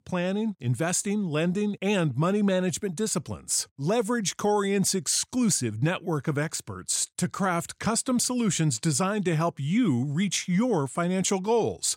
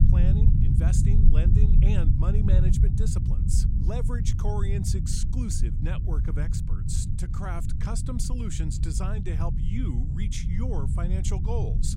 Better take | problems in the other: first | low rumble; loud; throughout; 1 dB below the speech

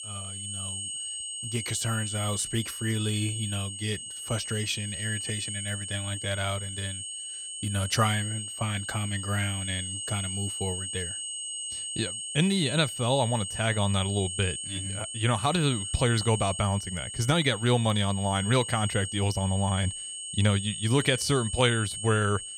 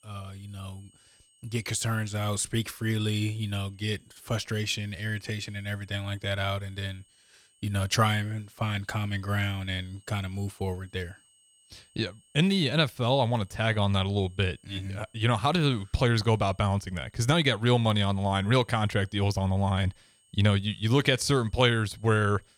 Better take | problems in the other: second | high-pitched whine; loud; throughout; 8.5 kHz, 5 dB below the speech; faint in the second

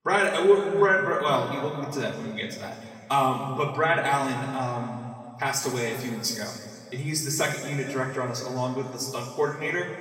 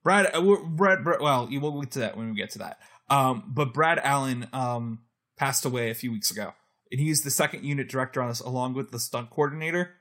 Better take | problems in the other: second | room echo; noticeable; dies away in 2.2 s // off-mic speech; far

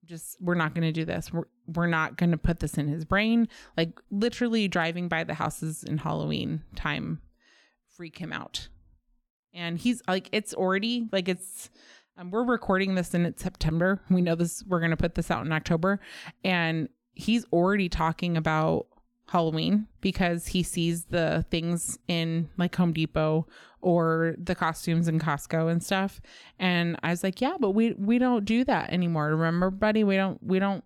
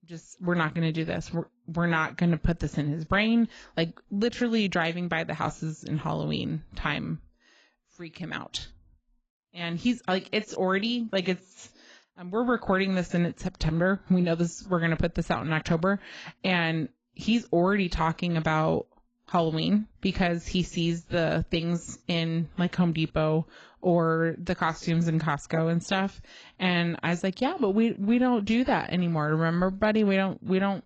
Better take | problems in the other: first | garbled, watery; badly; nothing above 7.5 kHz

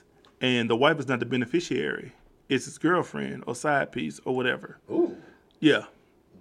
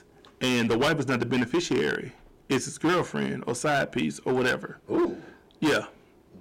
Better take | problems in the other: first | distortion; heavy; 11% of the sound clipped

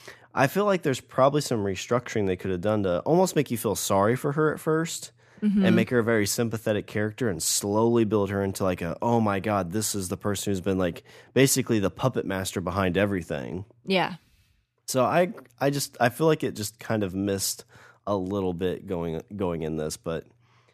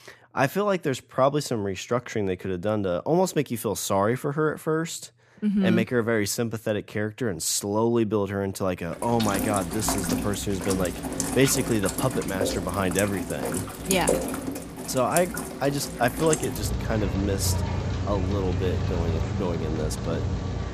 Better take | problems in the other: first | rain or running water; loud; from 9 s on; 3 dB below the speech

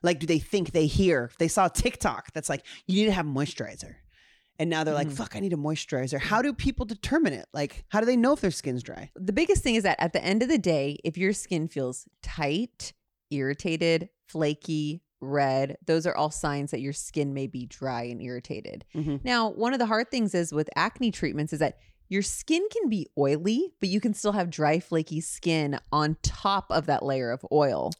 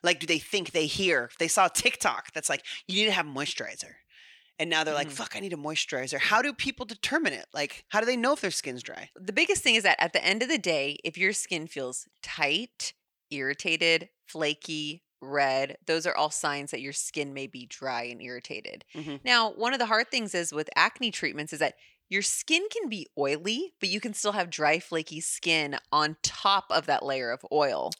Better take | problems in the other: first | thin; somewhat; fading below 1 kHz

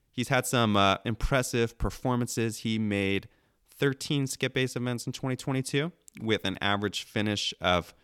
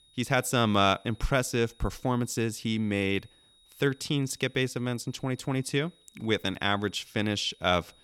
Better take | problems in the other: first | high-pitched whine; faint; throughout; 4 kHz, 30 dB below the speech

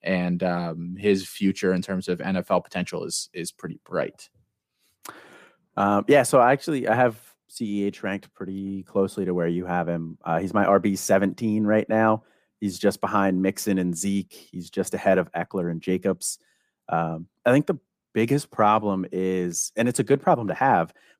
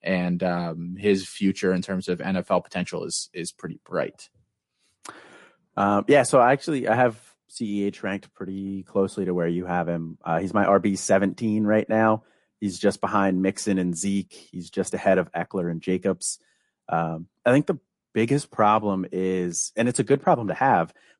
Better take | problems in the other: first | garbled, watery; slightly

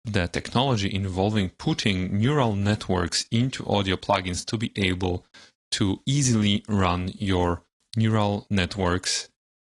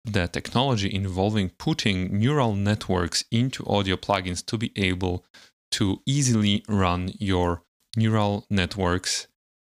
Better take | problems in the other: second | garbled, watery; slightly; nothing above 10.5 kHz

